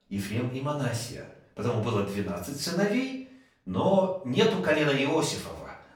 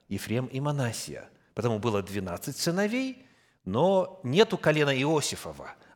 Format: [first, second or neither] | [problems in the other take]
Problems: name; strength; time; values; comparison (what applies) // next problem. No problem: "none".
second | off-mic speech; far // room echo; slight; dies away in 0.4 s